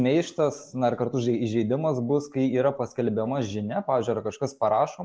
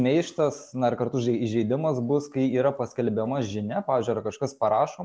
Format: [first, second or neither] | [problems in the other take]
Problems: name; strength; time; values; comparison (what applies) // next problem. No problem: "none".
second | noise reduction (neural mask model Resemble Enhance denoiser)